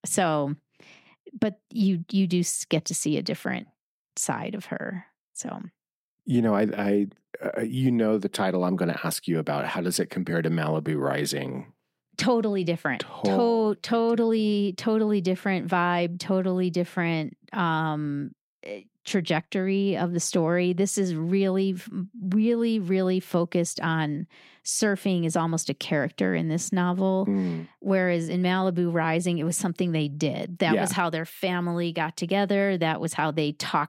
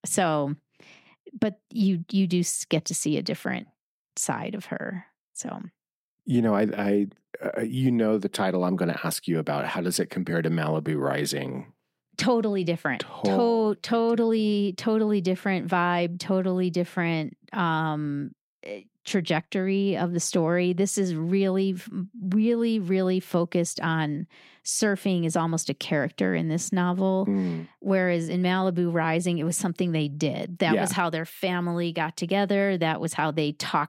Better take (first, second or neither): neither